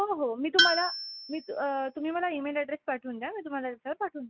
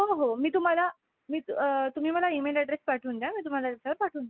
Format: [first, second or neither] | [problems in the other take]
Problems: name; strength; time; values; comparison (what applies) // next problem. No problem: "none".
second | background sound (Tools); 1 dB below the speech